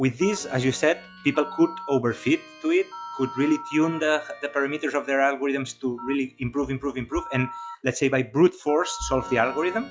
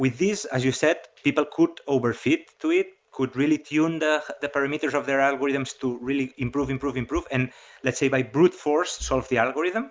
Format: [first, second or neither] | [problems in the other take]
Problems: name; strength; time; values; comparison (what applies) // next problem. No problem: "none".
second | noise reduction (classical method log-MMSE)